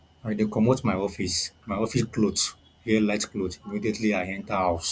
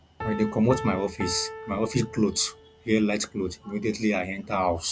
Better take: first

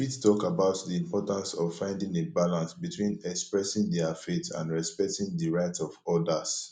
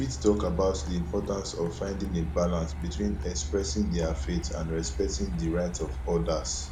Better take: first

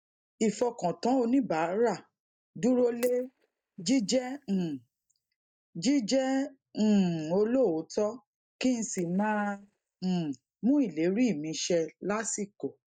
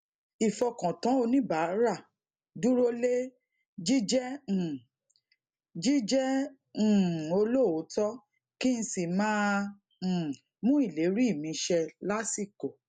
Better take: second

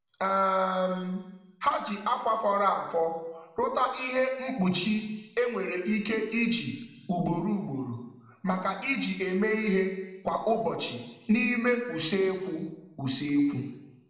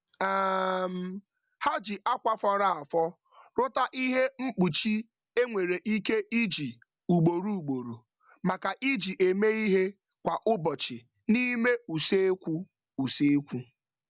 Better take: second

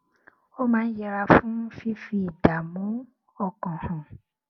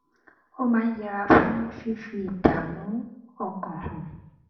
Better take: first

